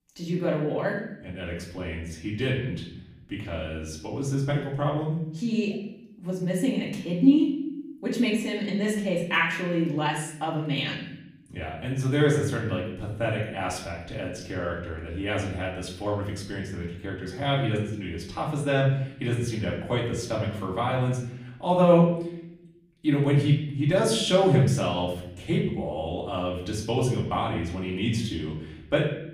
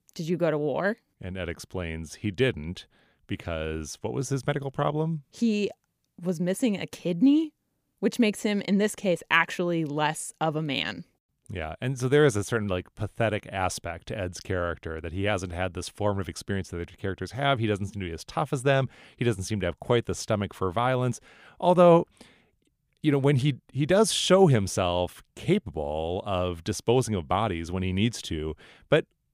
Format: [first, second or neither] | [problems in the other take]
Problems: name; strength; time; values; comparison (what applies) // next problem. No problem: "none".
second | off-mic speech; far // room echo; noticeable; dies away in 0.8 s